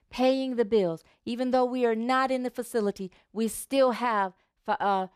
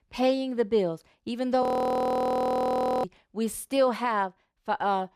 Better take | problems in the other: first | audio freezing; at 1.5 s for 1.5 s

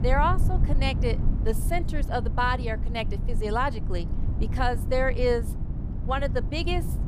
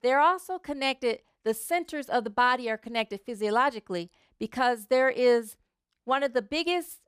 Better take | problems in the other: second | low rumble; noticeable; throughout; 15 dB below the speech

